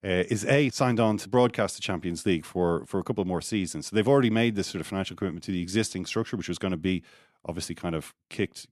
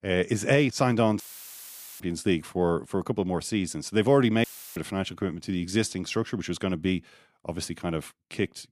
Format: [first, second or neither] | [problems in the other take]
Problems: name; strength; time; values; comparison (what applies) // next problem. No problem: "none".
first | audio cutting out; filled with static; at 1 s for 1 s and at 4.5 s